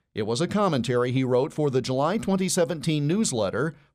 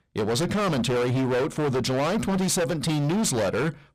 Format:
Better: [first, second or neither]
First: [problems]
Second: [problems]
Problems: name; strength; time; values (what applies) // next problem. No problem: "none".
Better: first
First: none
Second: distortion; heavy; 36% of the sound clipped